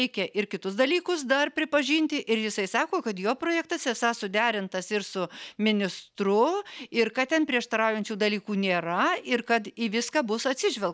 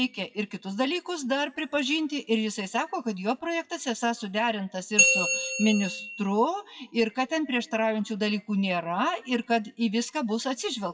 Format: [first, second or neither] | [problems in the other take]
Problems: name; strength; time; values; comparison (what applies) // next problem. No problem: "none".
first | noise reduction (classical method WPE with log-MMSE)